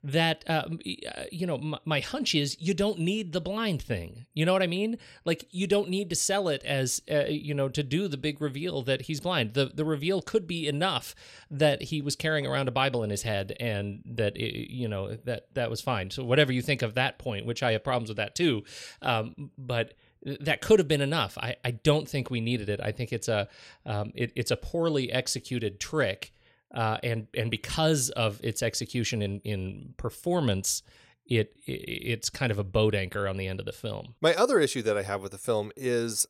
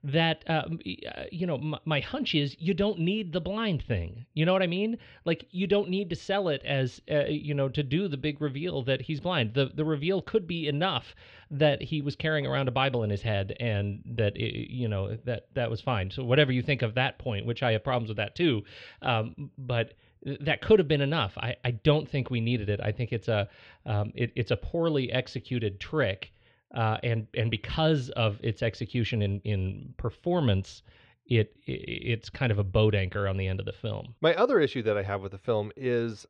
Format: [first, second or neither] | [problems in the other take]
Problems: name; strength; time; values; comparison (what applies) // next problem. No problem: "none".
first | muffled; slightly; fading above 3.5 kHz